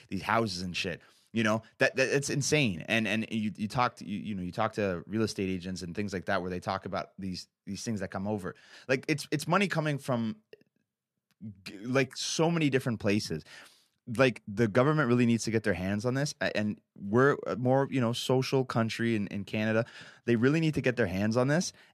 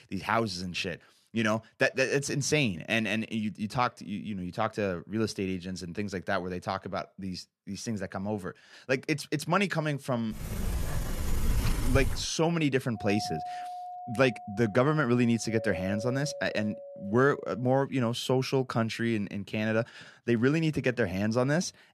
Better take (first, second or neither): first